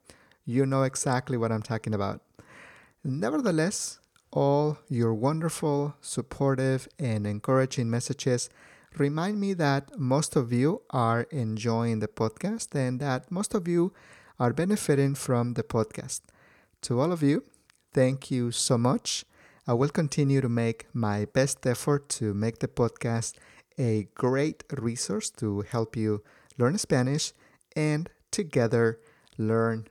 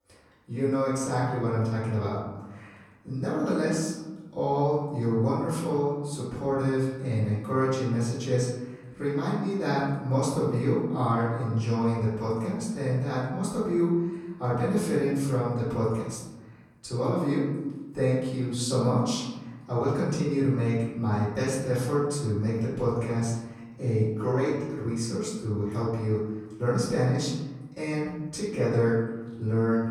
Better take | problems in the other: first | off-mic speech; far // room echo; noticeable; dies away in 1.1 s

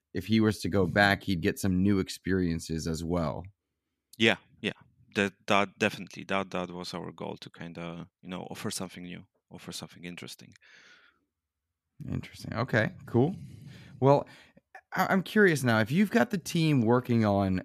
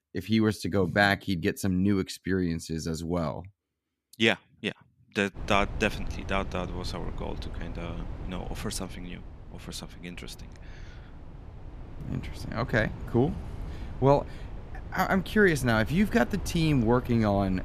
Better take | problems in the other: first | wind noise on the microphone; occasional gusts; from 5.5 s on; 20 dB below the speech

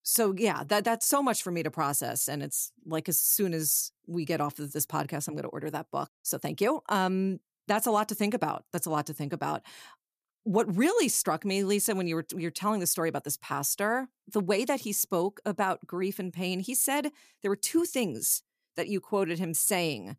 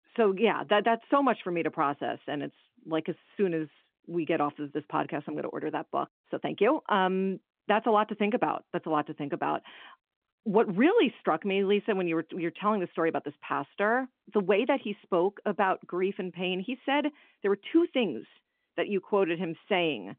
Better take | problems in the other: first | phone-call audio

